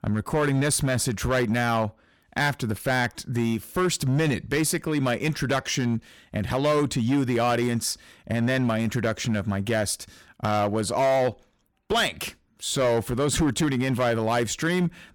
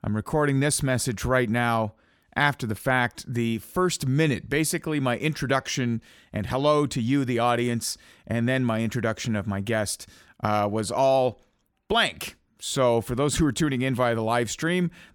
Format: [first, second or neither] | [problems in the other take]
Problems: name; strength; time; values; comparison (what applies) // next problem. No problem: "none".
second | distortion; slight; 9% of the sound clipped